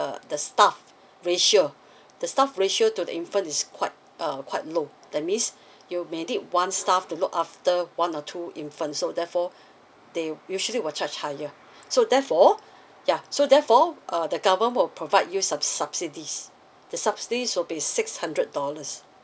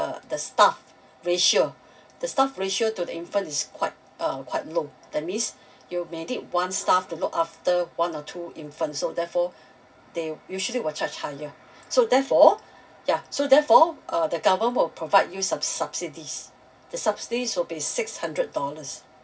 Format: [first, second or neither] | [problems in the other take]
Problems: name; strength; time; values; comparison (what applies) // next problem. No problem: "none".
first | room echo; dies away in 0.4 s